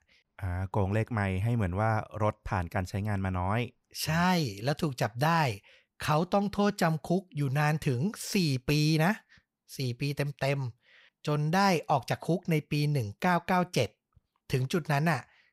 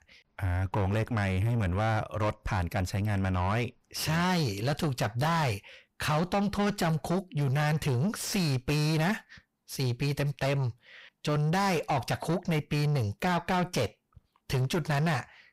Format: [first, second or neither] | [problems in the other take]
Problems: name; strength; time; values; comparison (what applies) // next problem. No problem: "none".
first | distortion; heavy; 7 dB below the speech